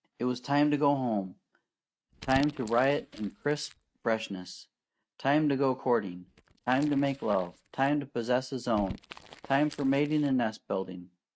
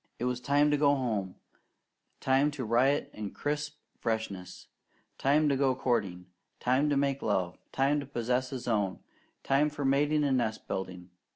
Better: second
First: noise reduction (neural mask model RNNoise)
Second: none

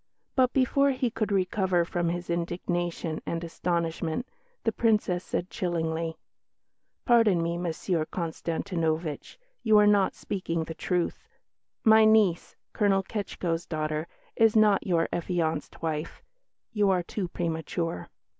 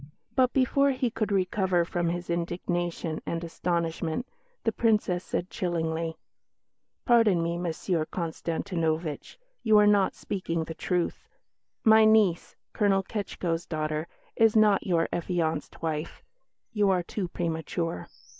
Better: first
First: none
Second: noise reduction (neural mask model Resemble Enhance denoiser)

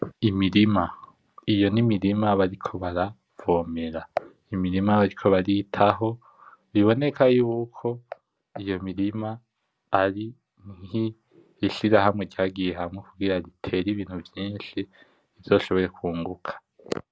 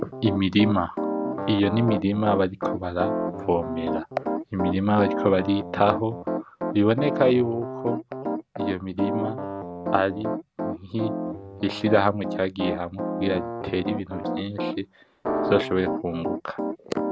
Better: first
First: none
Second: background sound (Piano); 4 dB below the speech

